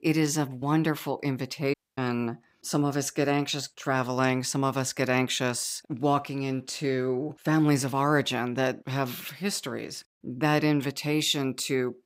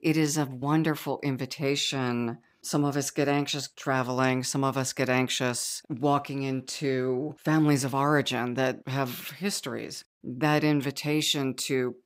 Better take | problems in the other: second | audio cutting out; at 1.5 s

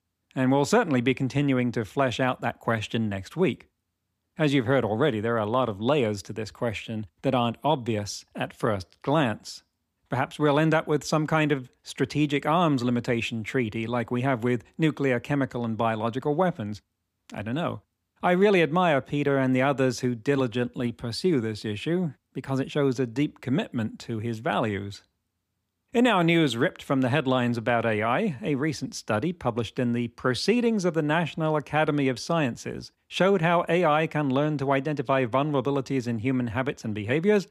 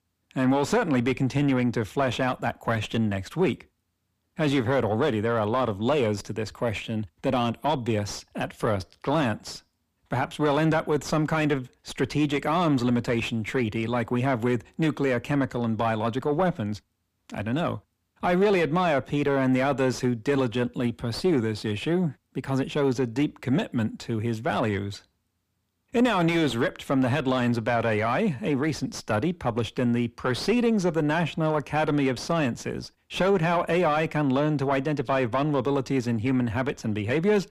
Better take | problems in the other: first | distortion; slight; 10 dB below the speech

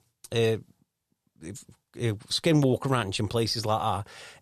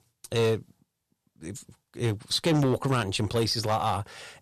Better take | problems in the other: first | distortion; slight; 5% of the sound clipped

